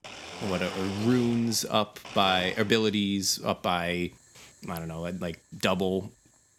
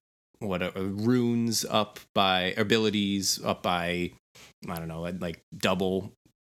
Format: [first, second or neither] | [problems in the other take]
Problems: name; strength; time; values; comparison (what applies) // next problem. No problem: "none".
second | household noises; noticeable; throughout; 10 dB below the speech